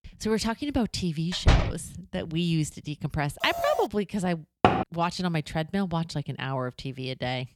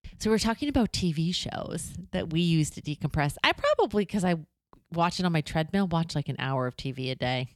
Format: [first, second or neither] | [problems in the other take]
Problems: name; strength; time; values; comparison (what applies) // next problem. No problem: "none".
second | door banging; loud; at 1.5 s and at 4.5 s; peak 5 dB above the speech // alarm; noticeable; at 3.5 s; peak 3 dB below the speech